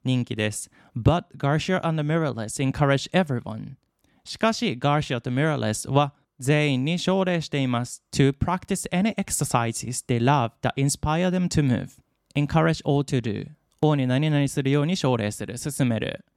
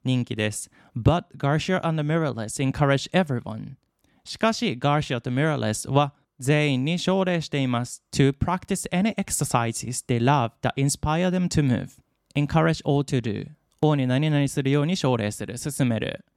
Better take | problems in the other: neither | none

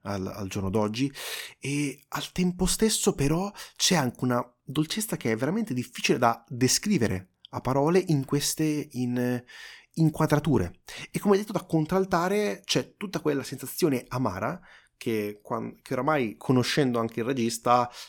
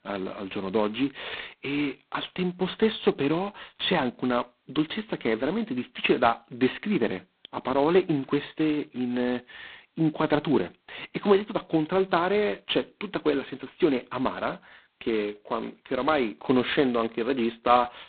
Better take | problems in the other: first | phone-call audio; poor line; nothing above 4 kHz

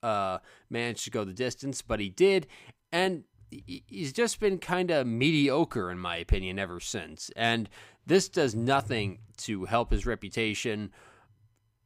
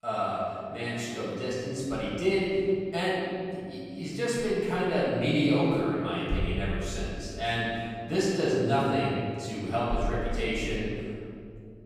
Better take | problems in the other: first | room echo; strong; dies away in 2.4 s // off-mic speech; far

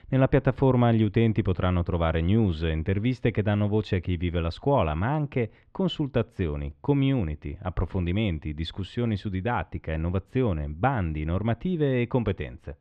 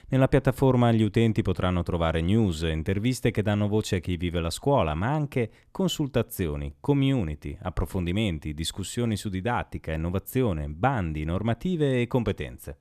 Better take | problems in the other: second | muffled; slightly; fading above 3.5 kHz

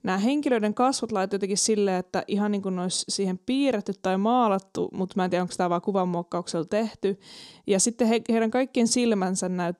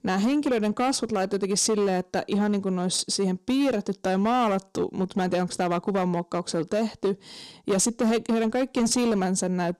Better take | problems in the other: first | distortion; slight; 12% of the sound clipped

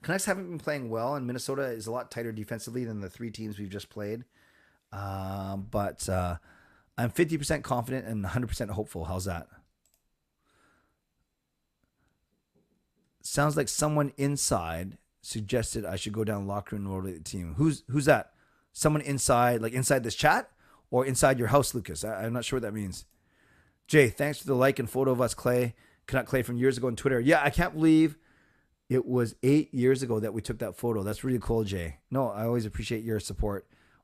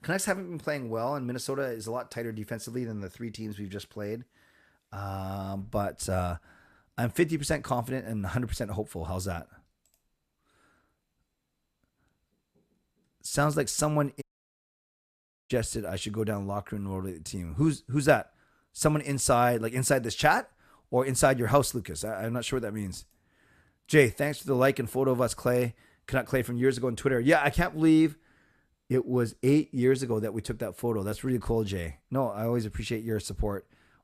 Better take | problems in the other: first | audio cutting out; at 14 s for 1.5 s

